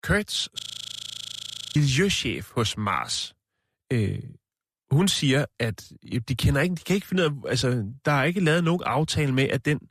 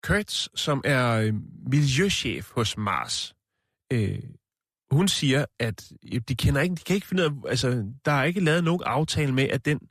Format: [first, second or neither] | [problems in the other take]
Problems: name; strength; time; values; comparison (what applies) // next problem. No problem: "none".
second | audio freezing; at 0.5 s for 1 s